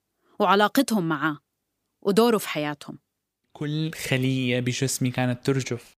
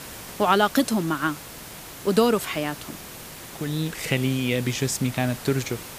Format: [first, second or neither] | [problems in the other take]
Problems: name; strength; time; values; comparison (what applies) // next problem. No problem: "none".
first | hiss; noticeable; throughout; 15 dB below the speech